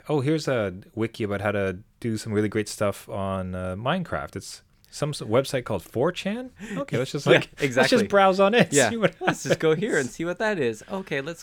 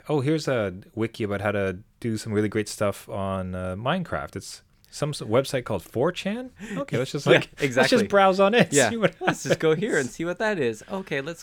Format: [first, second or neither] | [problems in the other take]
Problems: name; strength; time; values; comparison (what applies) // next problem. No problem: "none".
neither | none